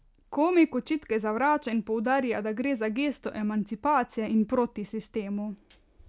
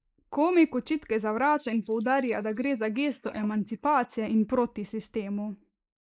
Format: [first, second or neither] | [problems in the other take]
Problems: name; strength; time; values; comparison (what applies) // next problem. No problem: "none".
first | noise reduction (neural mask model Resemble Enhance denoiser)